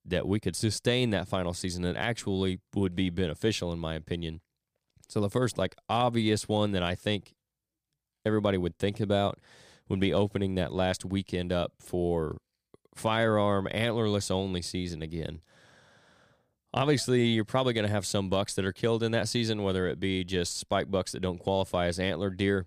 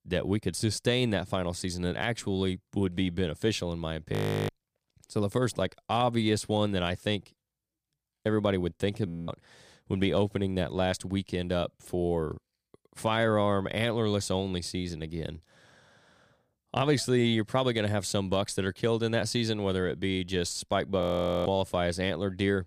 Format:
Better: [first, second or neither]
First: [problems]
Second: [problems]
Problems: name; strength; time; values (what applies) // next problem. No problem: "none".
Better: first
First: none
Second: audio freezing; at 4 s, at 9 s and at 21 s